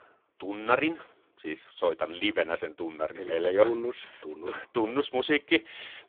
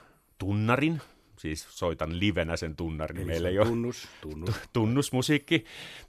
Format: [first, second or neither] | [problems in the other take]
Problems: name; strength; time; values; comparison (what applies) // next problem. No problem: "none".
second | phone-call audio; poor line; nothing above 3.5 kHz